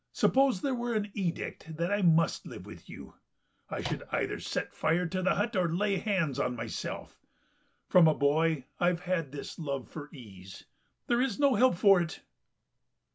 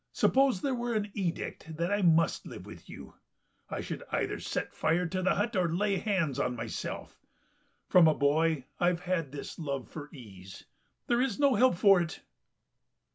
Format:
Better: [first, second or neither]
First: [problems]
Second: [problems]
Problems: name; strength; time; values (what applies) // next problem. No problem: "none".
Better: second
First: background sound (Microwave oven); 11 dB below the speech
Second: none